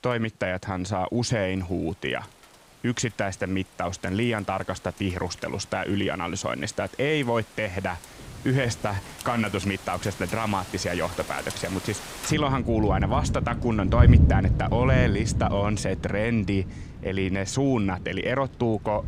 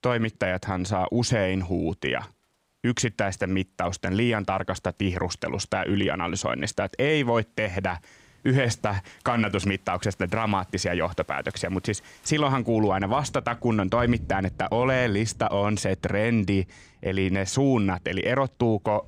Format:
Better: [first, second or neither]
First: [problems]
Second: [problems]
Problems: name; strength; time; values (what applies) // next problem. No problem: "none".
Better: second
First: rain or running water; loud; throughout; as loud as the speech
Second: rain or running water; faint; throughout; 20 dB below the speech